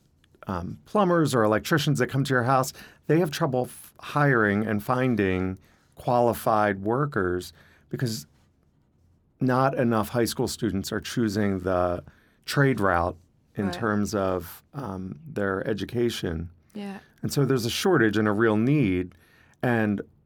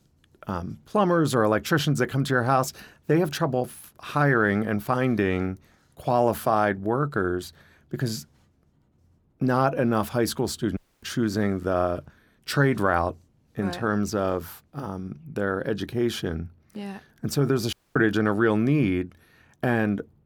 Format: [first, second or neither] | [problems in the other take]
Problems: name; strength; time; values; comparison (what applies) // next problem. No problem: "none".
first | audio cutting out; at 11 s and at 18 s